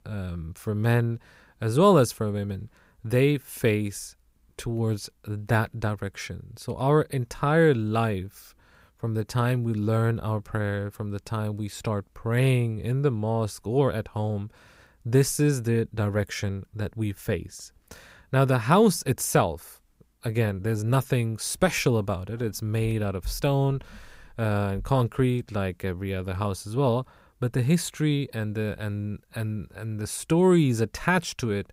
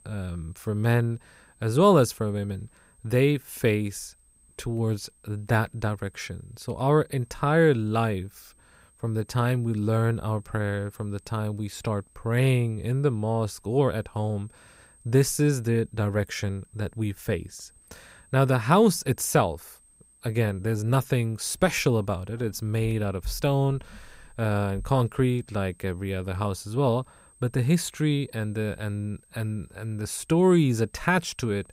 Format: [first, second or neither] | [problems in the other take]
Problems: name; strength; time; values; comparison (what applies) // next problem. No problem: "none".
first | high-pitched whine; faint; throughout; 8.5 kHz, 30 dB below the speech